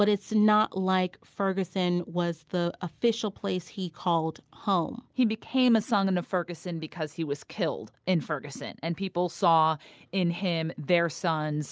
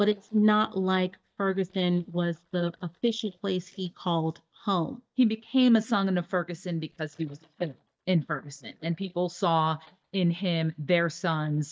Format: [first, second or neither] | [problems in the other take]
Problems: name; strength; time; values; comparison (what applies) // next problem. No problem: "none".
first | noise reduction (neural mask model DeepFilterNet 3)